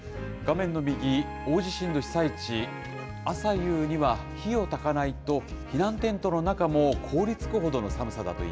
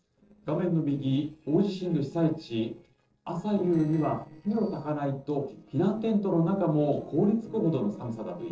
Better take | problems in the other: first | noise reduction (neural separator model SepFormer DNS4)

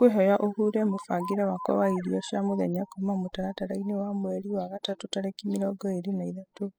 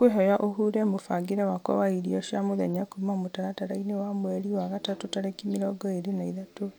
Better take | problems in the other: second | noise reduction (classical method spectral subtraction)

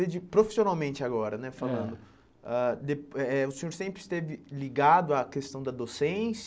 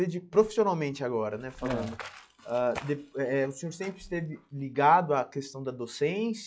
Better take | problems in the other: first | noise reduction (classical method log-MMSE)

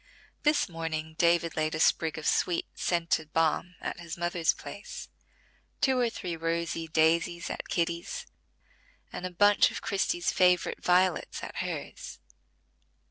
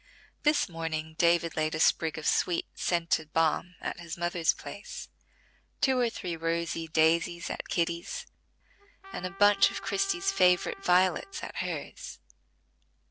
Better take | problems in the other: first | background sound (Trumpet); 19 dB below the speech

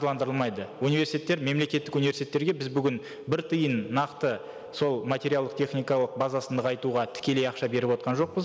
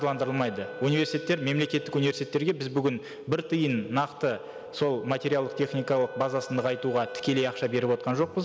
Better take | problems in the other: first | background sound (Wind instrument, woodwind instrument); 15 dB below the speech

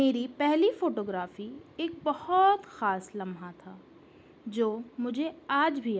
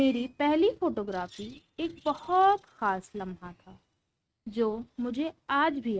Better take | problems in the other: first | noise reduction (neural mask model RNNoise)

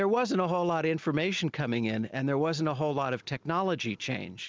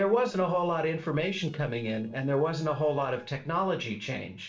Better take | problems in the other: first | noise reduction (neural separator model SepFormer DNS4)

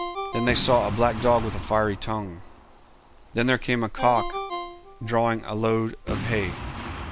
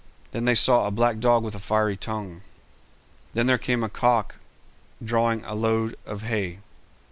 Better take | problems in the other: second | background sound (Boom + Ringtone); 9 dB below the speech

